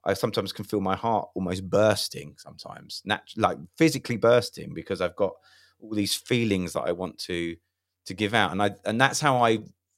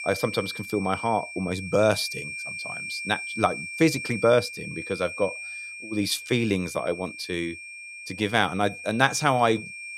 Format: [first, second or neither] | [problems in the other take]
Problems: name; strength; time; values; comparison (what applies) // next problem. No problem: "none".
first | high-pitched whine; loud; throughout; 2.5 kHz, 9 dB below the speech